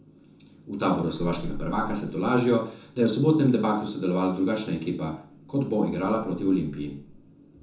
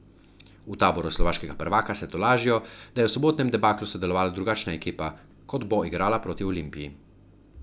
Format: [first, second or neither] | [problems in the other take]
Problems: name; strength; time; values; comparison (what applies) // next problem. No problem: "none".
second | room echo; dies away in 0.7 s